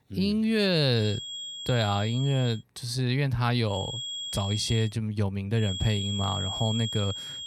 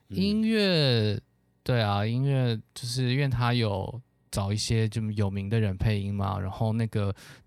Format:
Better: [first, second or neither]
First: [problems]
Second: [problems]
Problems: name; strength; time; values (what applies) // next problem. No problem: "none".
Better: second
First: high-pitched whine; loud; from 1 to 2.5 s, from 3.5 to 5 s and from 5.5 s on; 3.5 kHz, 6 dB below the speech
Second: none